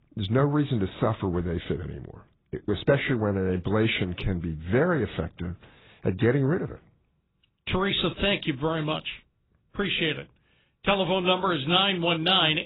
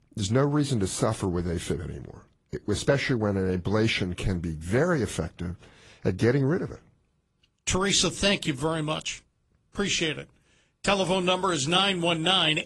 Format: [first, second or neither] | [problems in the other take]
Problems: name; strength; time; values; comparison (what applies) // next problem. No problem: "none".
second | garbled, watery; badly; nothing above 4 kHz; slightly in the second